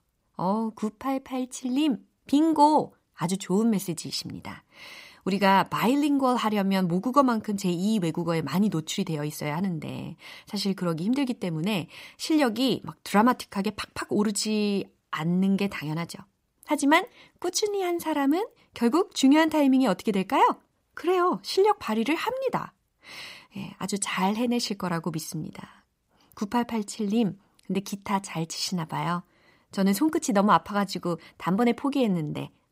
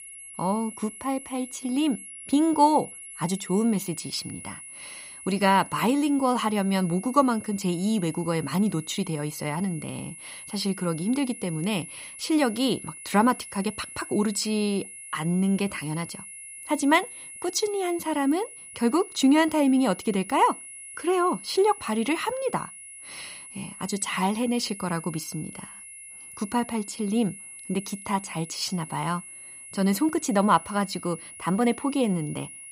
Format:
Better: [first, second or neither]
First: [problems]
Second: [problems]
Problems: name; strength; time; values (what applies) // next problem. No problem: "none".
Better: first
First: none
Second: high-pitched whine; noticeable; throughout; 10.5 kHz, 15 dB below the speech